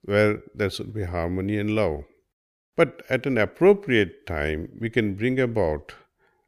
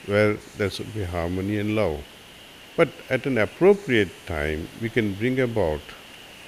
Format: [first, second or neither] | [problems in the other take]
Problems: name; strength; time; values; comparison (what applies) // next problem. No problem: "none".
first | hiss; noticeable; throughout; 20 dB below the speech